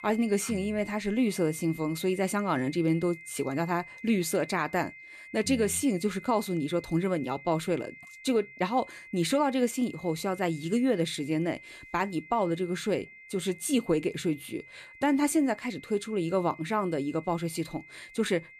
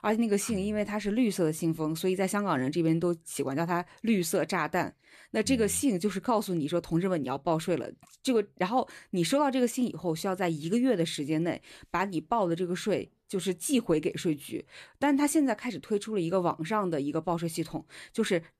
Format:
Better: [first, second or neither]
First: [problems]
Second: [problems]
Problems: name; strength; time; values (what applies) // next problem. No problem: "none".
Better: second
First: high-pitched whine; noticeable; throughout; 2 kHz, 15 dB below the speech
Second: none